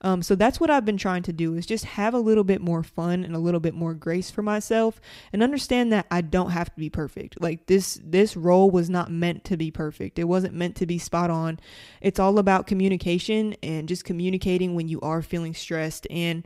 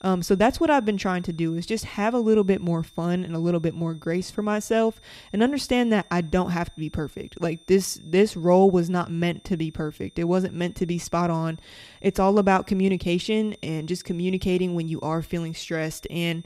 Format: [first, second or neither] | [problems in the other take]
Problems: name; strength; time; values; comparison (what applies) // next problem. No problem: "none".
first | high-pitched whine; faint; throughout; 3.5 kHz, 30 dB below the speech